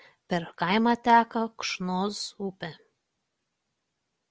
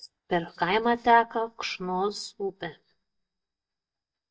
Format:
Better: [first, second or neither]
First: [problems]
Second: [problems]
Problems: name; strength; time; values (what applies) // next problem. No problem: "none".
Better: first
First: none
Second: noise reduction (neural mask model DeepFilterNet 3)